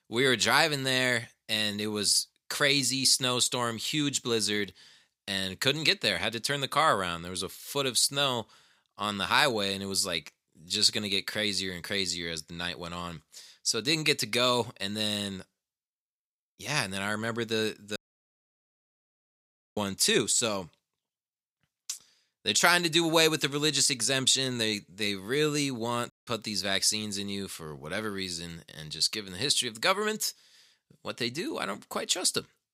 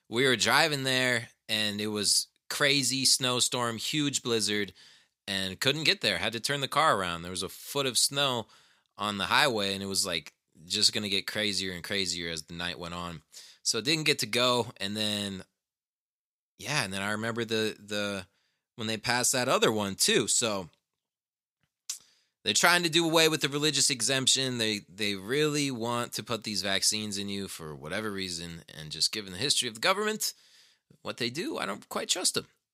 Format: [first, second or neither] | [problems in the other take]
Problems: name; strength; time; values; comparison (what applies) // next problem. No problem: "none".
second | audio cutting out; at 18 s for 2 s and at 26 s